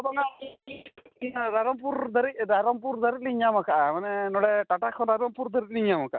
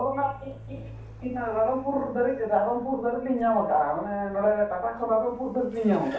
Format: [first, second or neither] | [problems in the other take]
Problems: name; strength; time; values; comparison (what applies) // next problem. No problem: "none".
first | background sound (Car); 19 dB below the speech // room echo; dies away in 0.7 s